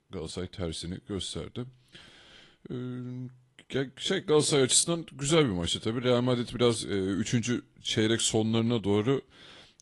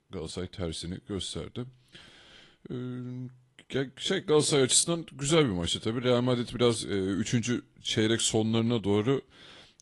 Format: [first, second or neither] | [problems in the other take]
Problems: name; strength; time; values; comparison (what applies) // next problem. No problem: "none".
neither | garbled, watery; slightly; the same in both